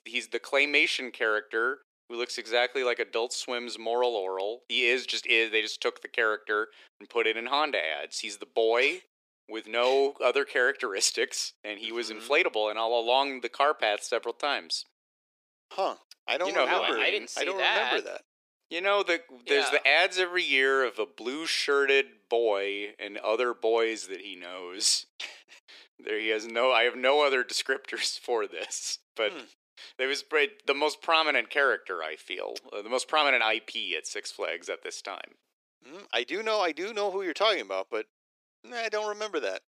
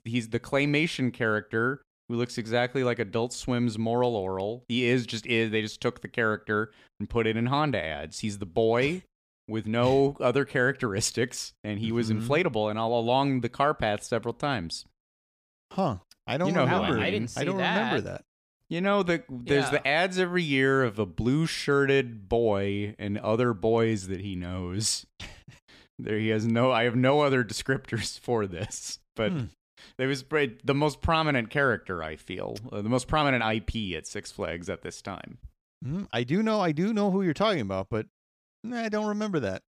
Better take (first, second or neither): second